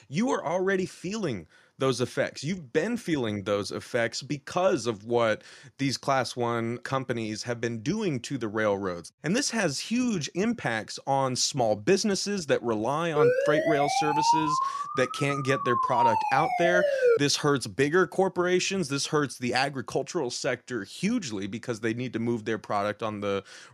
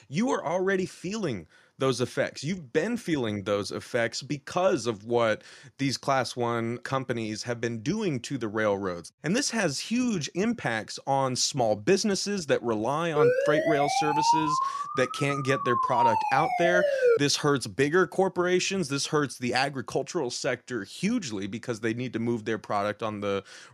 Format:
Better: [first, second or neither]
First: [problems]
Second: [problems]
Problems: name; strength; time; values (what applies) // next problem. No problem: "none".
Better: neither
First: siren; loud; from 13 to 17 s; peak 5 dB above the speech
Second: siren; loud; from 13 to 17 s; peak 5 dB above the speech